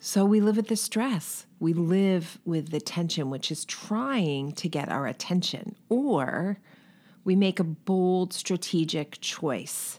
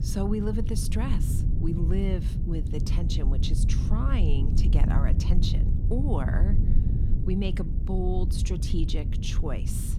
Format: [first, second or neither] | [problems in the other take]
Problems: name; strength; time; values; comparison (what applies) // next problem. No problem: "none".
first | low rumble; loud; throughout; 5 dB below the speech